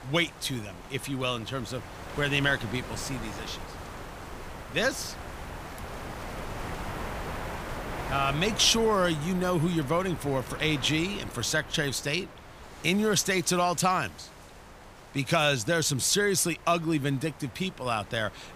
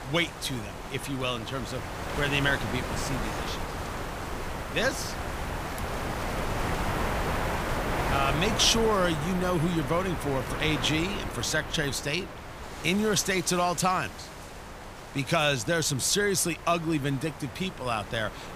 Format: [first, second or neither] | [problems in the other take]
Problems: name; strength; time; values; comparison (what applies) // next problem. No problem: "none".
first | wind noise on the microphone; heavy; 6 dB below the speech; occasional gusts in the first